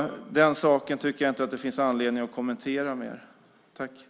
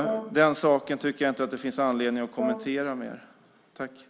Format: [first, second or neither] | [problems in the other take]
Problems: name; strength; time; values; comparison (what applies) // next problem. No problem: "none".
first | background sound (Brass instrument); 9 dB below the speech